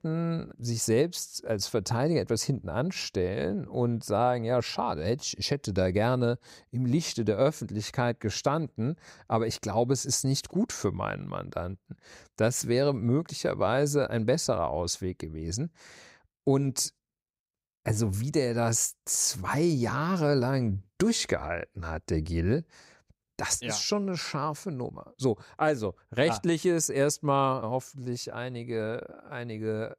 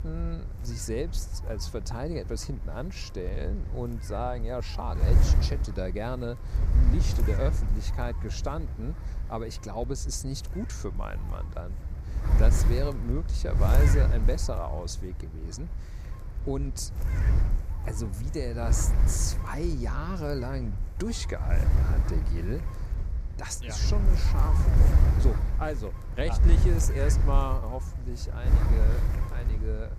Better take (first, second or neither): first